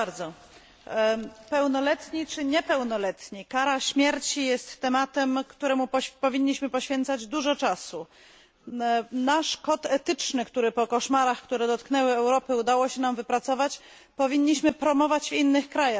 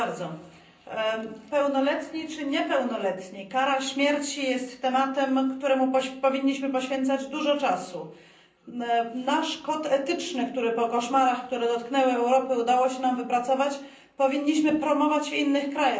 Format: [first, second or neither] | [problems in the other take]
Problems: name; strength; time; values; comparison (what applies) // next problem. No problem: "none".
first | room echo; dies away in 0.6 s